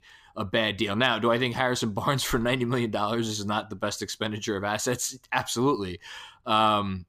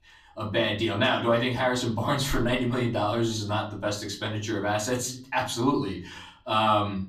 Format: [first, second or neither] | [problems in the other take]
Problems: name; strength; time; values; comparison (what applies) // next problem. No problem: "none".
first | off-mic speech; far // room echo; very slight; dies away in 0.4 s